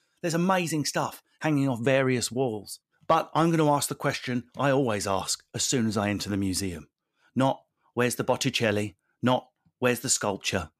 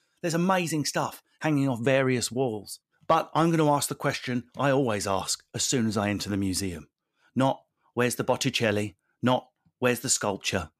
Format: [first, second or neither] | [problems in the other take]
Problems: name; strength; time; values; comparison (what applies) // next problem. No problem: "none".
neither | none